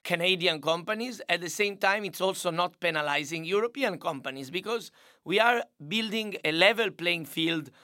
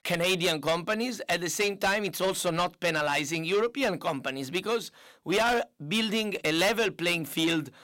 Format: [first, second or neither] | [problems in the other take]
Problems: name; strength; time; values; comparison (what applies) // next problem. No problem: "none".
first | distortion; heavy; 7 dB below the speech